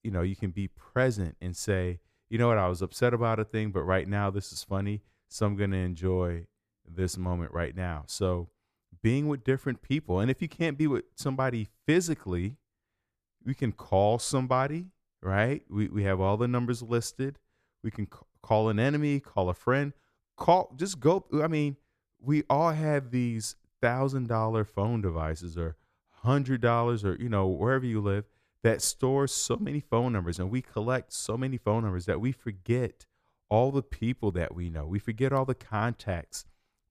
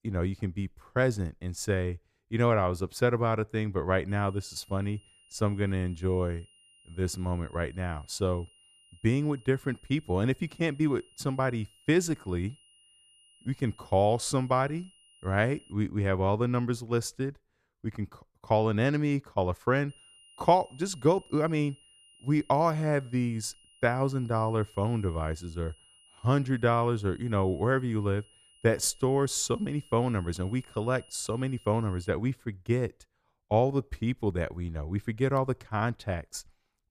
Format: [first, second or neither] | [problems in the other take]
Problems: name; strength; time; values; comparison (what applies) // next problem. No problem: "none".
first | high-pitched whine; faint; from 4 to 16 s and from 20 to 32 s; 3 kHz, 30 dB below the speech